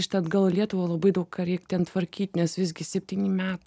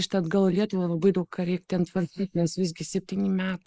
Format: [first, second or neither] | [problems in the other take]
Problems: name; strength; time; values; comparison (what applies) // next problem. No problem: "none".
first | noise reduction (neural mask model Resemble Enhance denoiser)